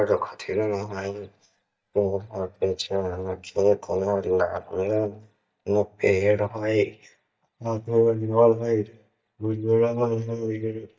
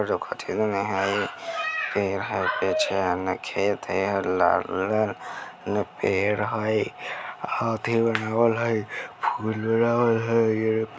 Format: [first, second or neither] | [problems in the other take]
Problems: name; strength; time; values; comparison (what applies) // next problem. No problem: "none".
second | noise reduction (neural mask model DeepFilterNet 3)